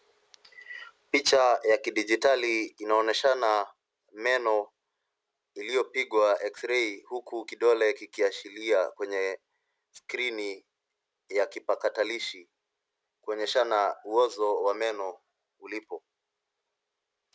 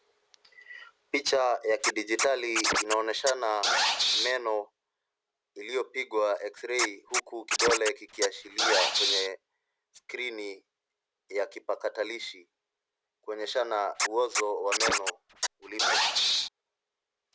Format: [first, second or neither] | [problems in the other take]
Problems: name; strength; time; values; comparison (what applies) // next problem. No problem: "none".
first | background sound (Scratching (performance technique)); 3 dB above the speech